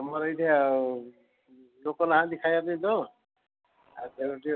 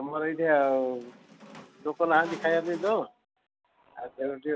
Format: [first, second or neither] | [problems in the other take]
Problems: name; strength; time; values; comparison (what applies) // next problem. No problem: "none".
first | background sound (Squeak); 18 dB below the speech